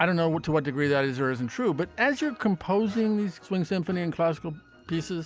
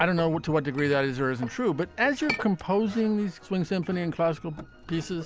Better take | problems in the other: first | background sound (Chink, clink); 15 dB below the speech

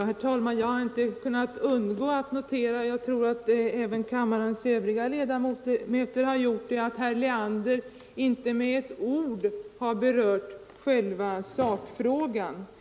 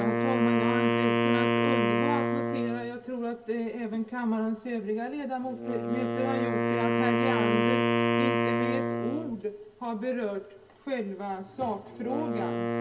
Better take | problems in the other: first | background sound (Wind instrument, woodwind instrument); 4 dB above the speech // room echo; dies away in 0.1 s

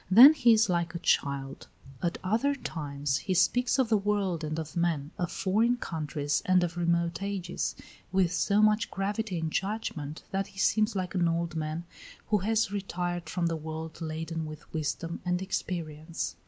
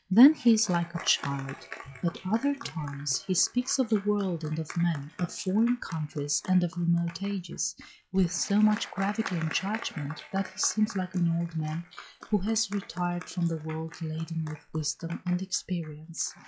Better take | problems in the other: first | noise reduction (classical method log-MMSE)

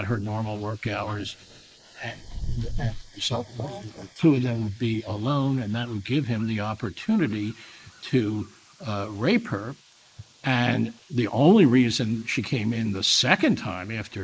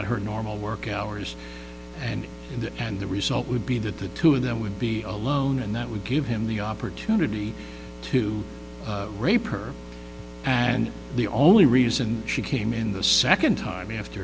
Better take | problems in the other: second | noise reduction (neural mask model Resemble Enhance denoiser)

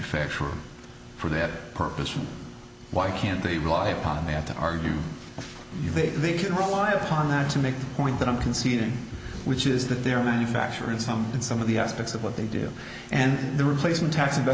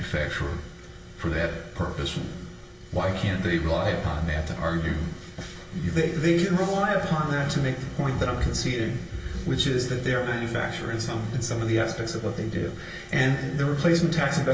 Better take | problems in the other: first | room echo; dies away in 0.2 s

